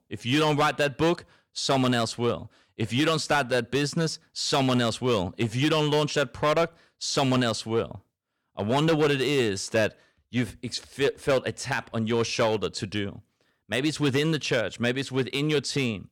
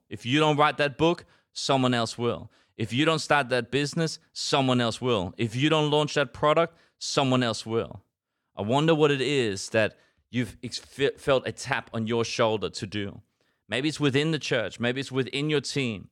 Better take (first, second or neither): second